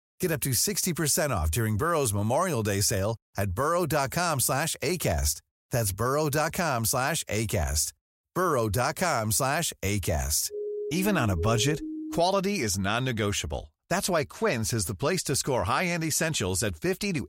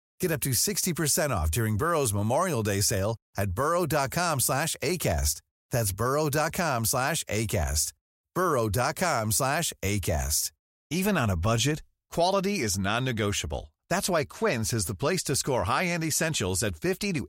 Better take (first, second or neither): second